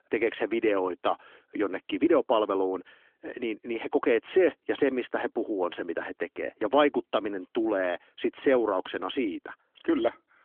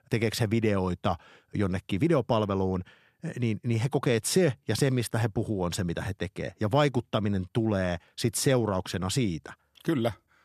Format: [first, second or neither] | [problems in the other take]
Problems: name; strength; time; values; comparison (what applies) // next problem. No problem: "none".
second | phone-call audio; nothing above 3.5 kHz